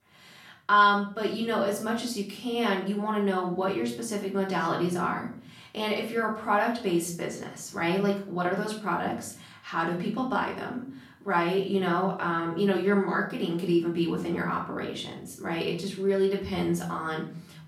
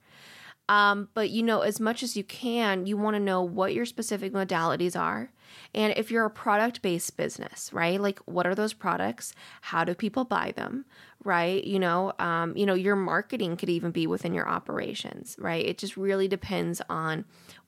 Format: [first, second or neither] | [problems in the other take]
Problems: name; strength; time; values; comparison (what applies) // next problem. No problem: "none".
second | room echo; slight; dies away in 0.6 s // off-mic speech; far